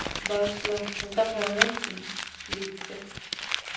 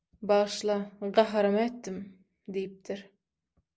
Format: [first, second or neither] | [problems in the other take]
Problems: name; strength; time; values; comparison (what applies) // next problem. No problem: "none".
second | background sound (Crumpling, crinkling); as loud as the speech // room echo; dies away in 0.6 s